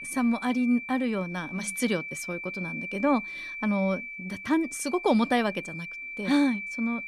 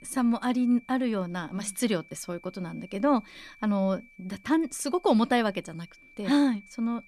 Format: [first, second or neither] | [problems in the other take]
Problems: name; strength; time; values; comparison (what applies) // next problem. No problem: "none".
second | high-pitched whine; loud; throughout; 2.5 kHz, 8 dB below the speech; faint in the second